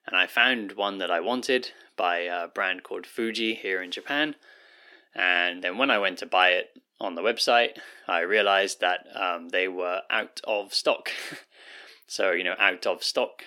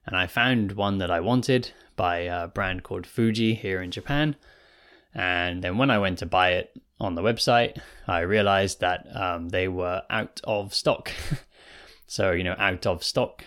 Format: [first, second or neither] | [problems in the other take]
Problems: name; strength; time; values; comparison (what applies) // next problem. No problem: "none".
second | thin; somewhat; fading below 300 Hz